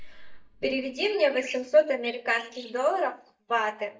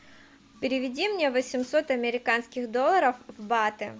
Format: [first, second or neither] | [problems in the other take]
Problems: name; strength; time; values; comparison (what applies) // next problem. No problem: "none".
second | noise reduction (neural mask model DeepFilterNet 3)